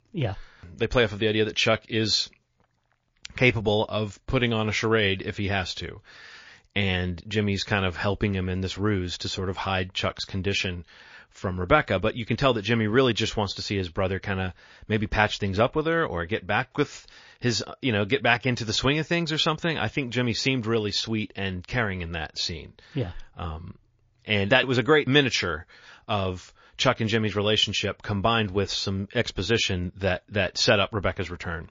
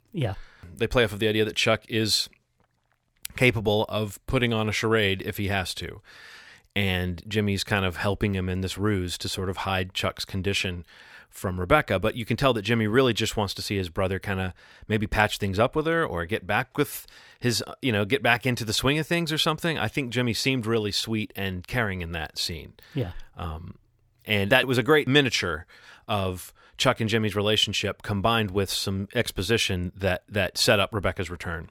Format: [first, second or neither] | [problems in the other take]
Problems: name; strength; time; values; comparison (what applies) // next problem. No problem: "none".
second | garbled, watery; slightly; nothing above 6 kHz